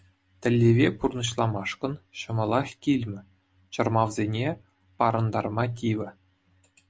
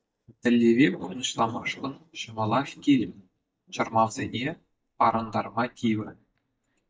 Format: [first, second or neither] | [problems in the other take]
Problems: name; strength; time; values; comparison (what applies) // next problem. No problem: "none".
first | noise reduction (neural mask model DeepFilterNet 3)